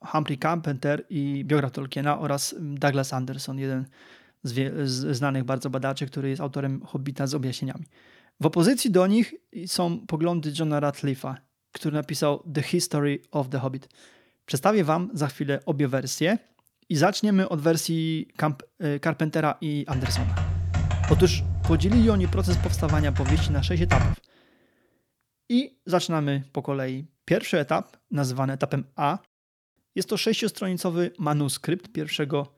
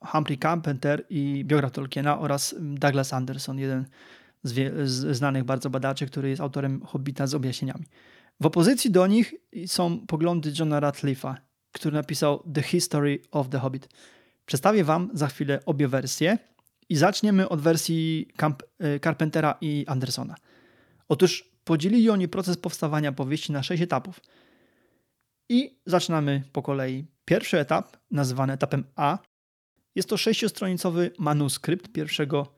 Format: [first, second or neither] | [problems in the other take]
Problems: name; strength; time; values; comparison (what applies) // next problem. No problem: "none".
second | keyboard typing; loud; from 20 to 24 s; peak 3 dB above the speech